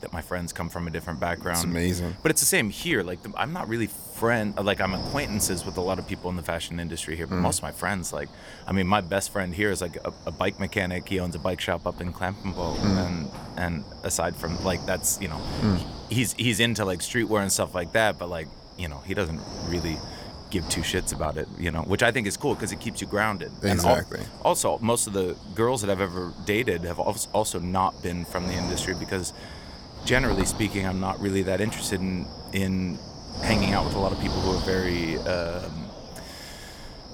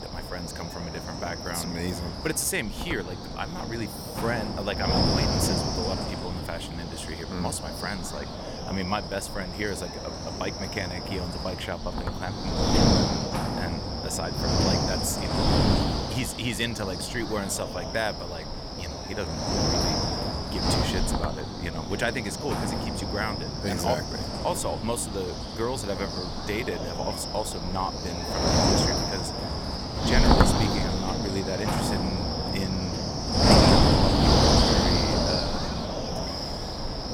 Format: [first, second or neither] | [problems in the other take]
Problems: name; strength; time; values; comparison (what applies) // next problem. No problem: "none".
first | wind noise on the microphone; heavy; 4 dB above the speech; occasional gusts in the first